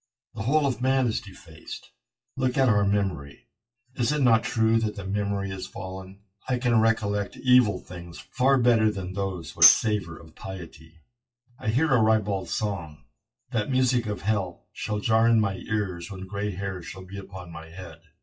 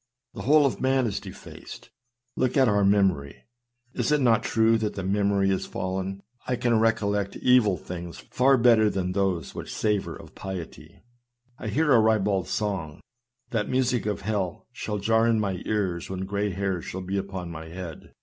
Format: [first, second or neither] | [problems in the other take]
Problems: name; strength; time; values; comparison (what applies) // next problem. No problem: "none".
second | noise reduction (classical method WPE with log-MMSE)